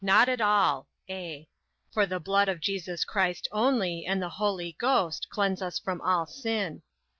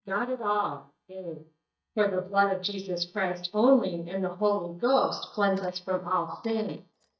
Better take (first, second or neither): first